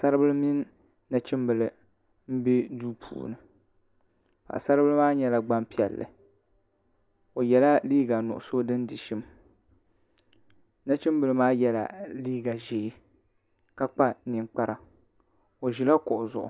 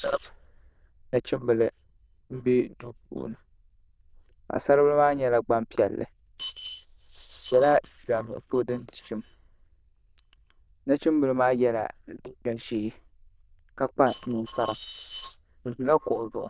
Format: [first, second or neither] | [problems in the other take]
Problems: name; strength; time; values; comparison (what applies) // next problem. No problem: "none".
first | noise reduction (neural diffusion model UNIVERSE++)